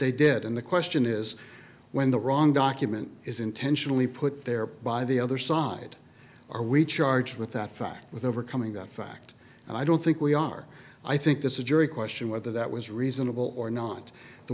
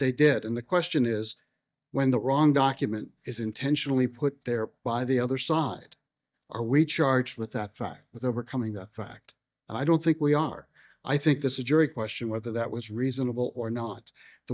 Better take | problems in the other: first | noise reduction (neural mask model DeepFilterNet 3)

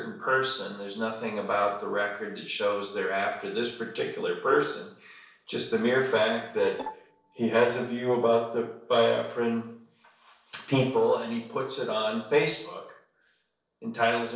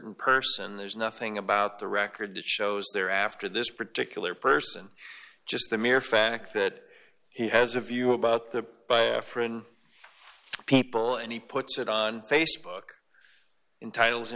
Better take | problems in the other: second | noise reduction (neural separator model SepFormer DNS4)

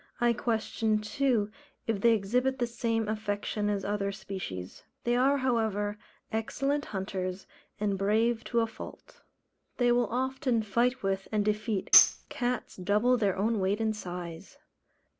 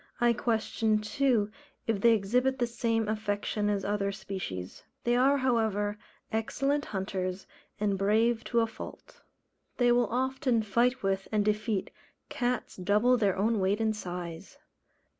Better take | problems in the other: second | background sound (Tambourine); 1 dB below the speech

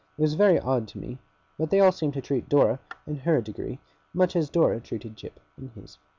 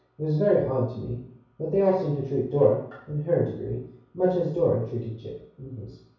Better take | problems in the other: first | background sound (Wind instrument, woodwind instrument); 15 dB below the speech // room echo; dies away in 0.6 s

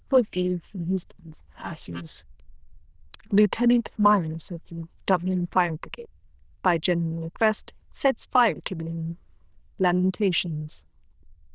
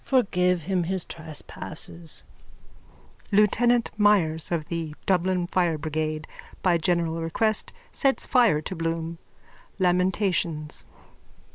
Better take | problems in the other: second | noise reduction (neural diffusion model UNIVERSE++)

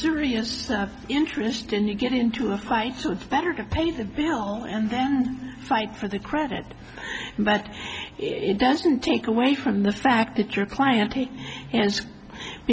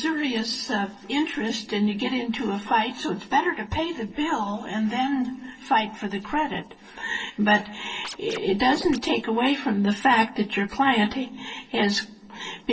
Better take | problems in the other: first | noise reduction (neural separator model SepFormer DNS4)

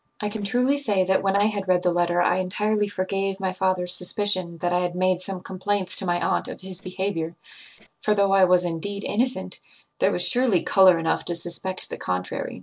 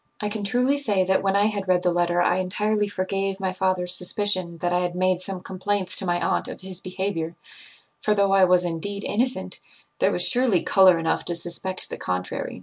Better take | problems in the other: second | noise reduction (neural separator model SepFormer DNS4)

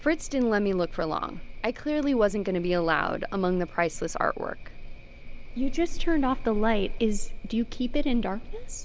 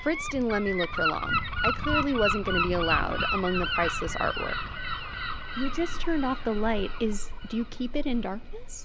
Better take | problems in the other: first | background sound (Gull, seagull); 3 dB below the speech

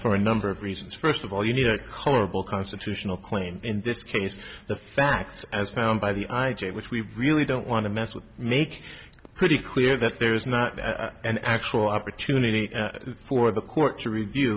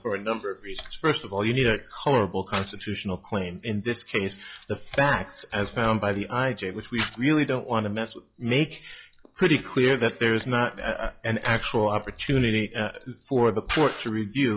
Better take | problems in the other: first | noise reduction (classical method log-MMSE)

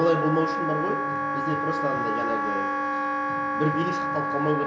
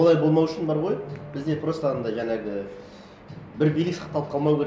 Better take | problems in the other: second | background sound (Wind instrument, woodwind instrument); 1 dB above the speech

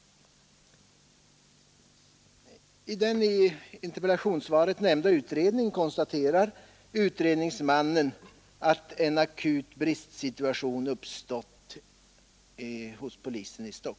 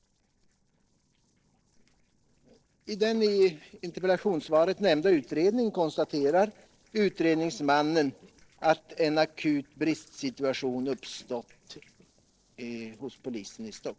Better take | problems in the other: first | noise reduction (neural separator model SepFormer DNS4)

